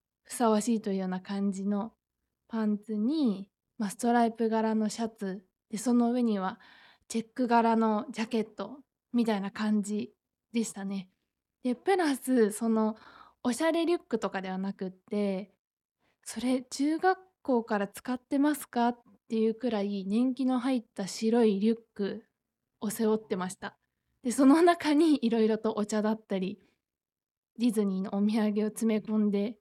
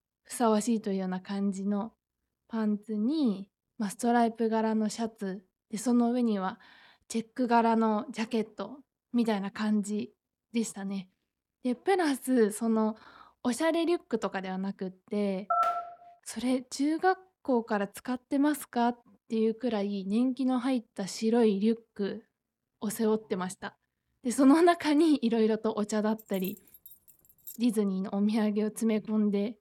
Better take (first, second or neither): first